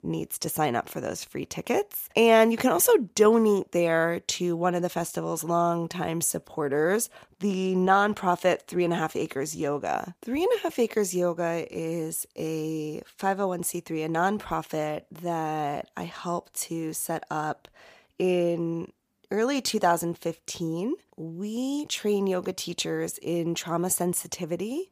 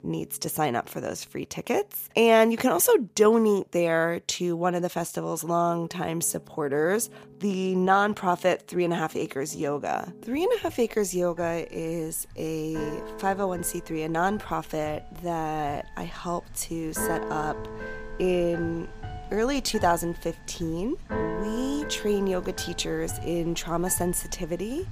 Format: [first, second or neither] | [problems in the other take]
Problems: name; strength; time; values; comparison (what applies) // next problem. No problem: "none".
first | background music; noticeable; throughout; 15 dB below the speech